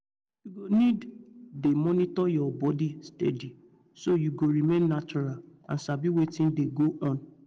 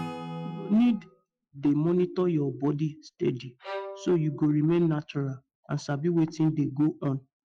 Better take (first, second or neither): first